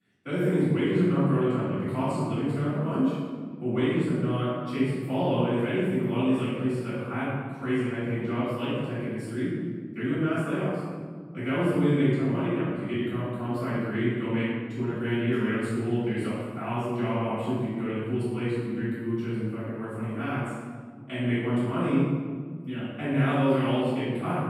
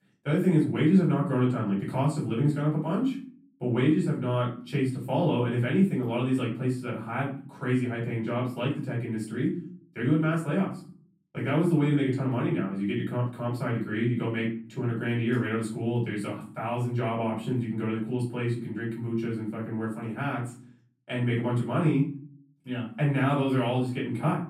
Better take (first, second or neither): second